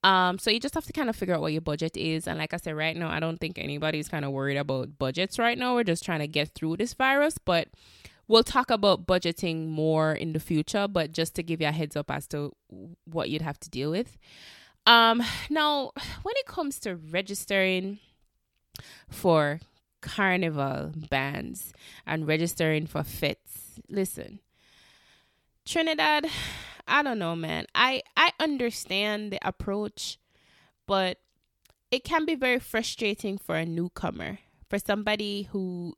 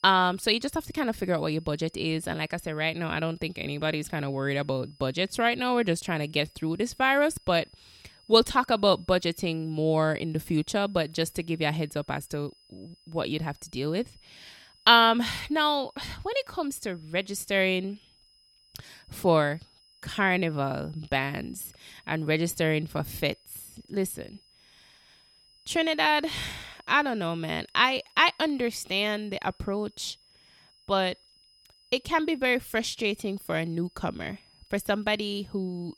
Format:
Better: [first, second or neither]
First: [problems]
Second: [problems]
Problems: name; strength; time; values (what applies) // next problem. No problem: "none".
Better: first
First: none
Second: high-pitched whine; faint; throughout; 5 kHz, 30 dB below the speech